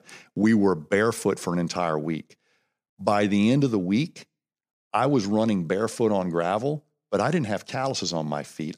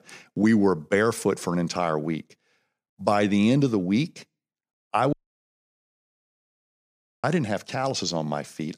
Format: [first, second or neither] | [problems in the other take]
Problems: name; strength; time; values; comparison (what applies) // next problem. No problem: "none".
first | audio cutting out; at 5 s for 2 s